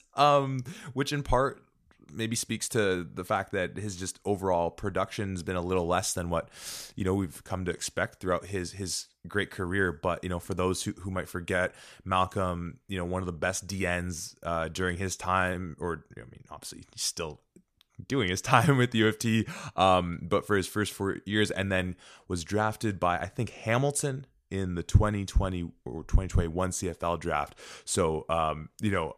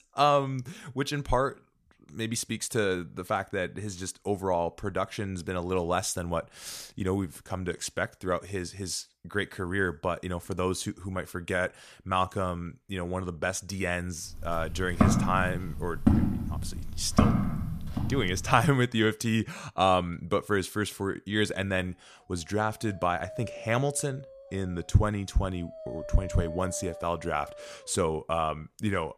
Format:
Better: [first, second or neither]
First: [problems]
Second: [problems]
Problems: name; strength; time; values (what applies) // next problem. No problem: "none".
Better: first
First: none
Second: footsteps; loud; from 14 to 18 s; peak 6 dB above the speech // dog barking; noticeable; from 23 to 28 s; peak 9 dB below the speech